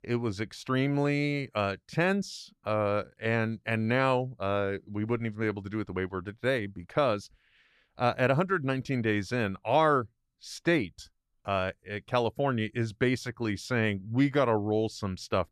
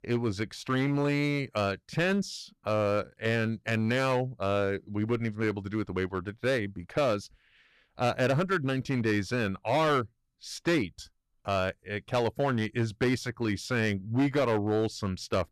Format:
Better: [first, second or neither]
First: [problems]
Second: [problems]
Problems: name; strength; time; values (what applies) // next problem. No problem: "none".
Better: first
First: none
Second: distortion; slight; 6% of the sound clipped